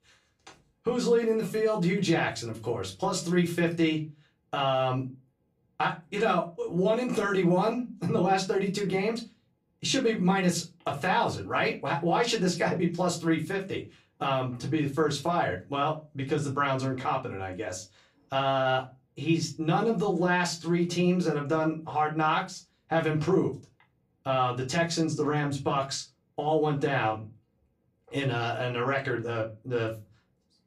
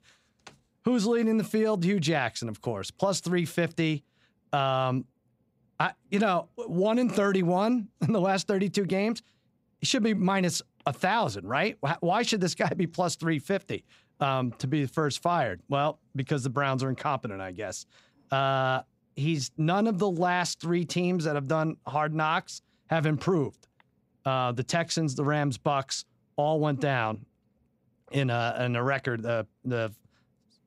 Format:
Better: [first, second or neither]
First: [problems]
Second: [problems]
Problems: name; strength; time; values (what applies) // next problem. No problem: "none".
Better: second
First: off-mic speech; far // room echo; very slight; dies away in 0.2 s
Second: none